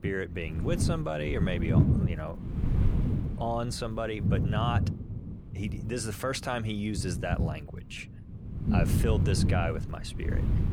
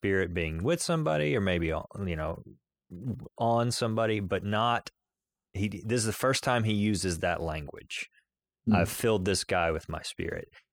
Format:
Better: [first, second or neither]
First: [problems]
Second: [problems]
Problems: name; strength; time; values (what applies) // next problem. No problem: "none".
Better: second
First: wind noise on the microphone; heavy; 6 dB below the speech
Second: none